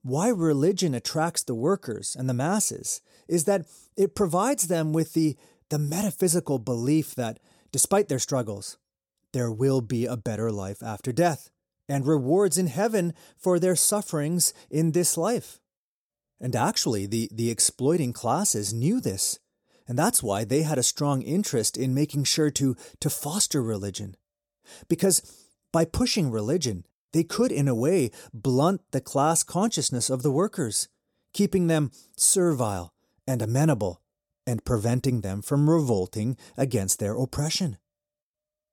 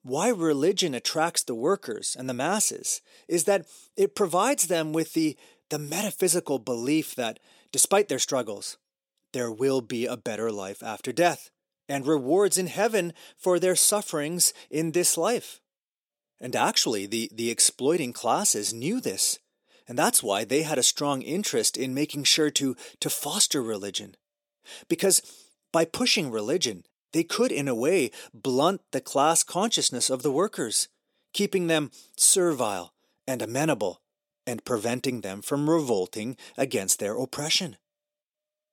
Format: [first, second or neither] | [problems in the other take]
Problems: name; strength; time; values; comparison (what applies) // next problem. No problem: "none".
first | thin; very slightly; fading below 300 Hz